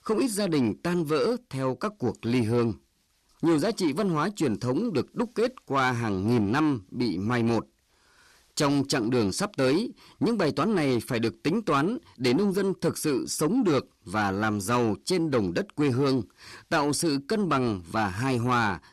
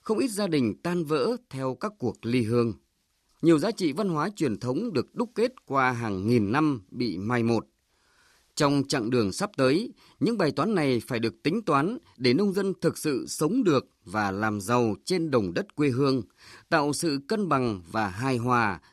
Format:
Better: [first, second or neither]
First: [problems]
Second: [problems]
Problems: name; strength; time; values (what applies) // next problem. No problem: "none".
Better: second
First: distortion; slight; 10 dB below the speech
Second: none